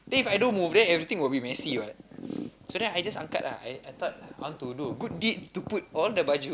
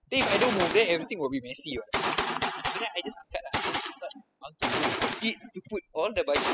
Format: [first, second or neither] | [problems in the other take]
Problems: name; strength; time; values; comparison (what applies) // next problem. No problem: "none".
first | noise reduction (classical method spectral subtraction)